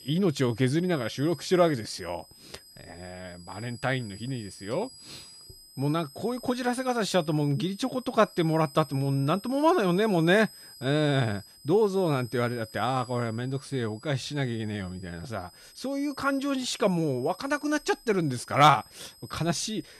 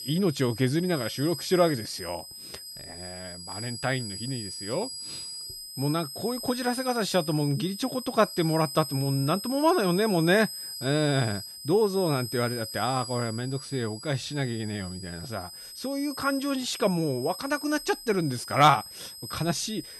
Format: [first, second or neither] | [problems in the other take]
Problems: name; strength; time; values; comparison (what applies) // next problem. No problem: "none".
first | high-pitched whine; loud; throughout; 5 kHz, 10 dB below the speech; faint in the first